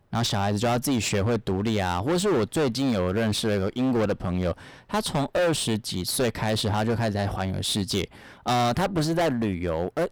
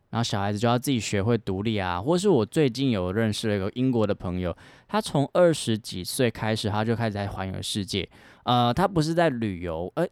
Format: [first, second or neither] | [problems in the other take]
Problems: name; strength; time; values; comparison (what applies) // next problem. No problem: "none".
second | distortion; heavy; 19% of the sound clipped